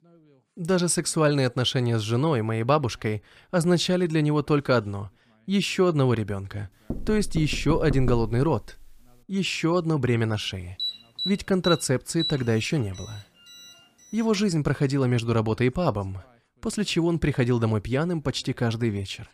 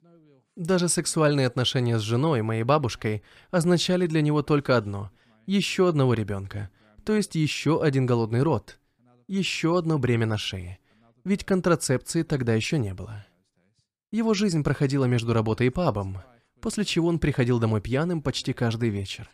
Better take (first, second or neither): second